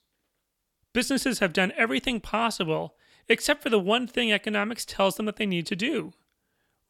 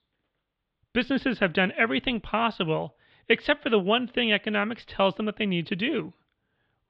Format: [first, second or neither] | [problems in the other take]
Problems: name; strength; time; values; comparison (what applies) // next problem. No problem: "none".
first | muffled; very; fading above 3.5 kHz